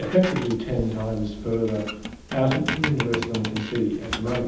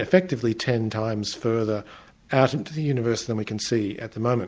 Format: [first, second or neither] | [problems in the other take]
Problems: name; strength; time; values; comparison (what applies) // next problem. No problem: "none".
second | background sound (Squeak); 8 dB below the speech // room echo; dies away in 0.8 s